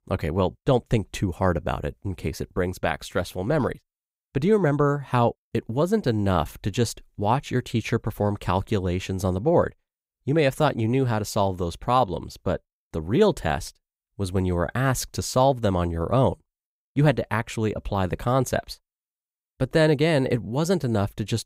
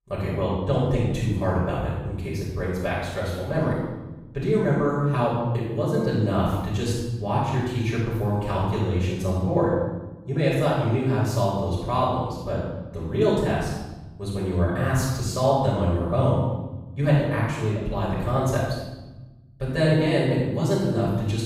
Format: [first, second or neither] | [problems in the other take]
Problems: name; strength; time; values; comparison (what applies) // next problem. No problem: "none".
first | off-mic speech; far // room echo; strong; dies away in 1.1 s